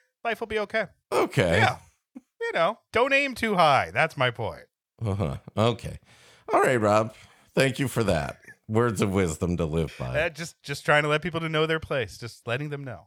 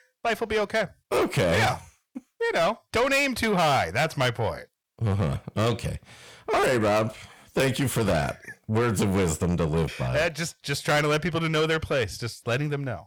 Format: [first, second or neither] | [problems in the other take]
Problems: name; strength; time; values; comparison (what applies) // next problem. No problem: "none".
first | distortion; heavy; 7 dB below the speech